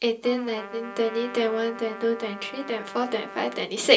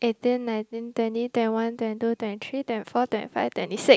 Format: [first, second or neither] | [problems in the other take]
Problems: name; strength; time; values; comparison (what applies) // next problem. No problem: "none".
second | background sound (Trumpet); 14 dB below the speech // room echo; dies away in 0.2 s